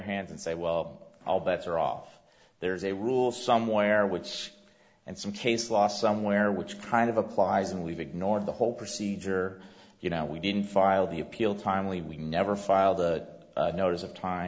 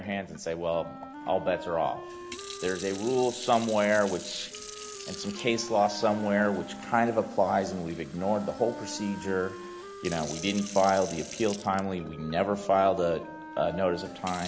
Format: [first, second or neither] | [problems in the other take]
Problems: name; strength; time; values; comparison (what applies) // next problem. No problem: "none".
first | background sound (Wind instrument, woodwind instrument + Fill (with liquid) / Sink (filling or washing)); 14 dB below the speech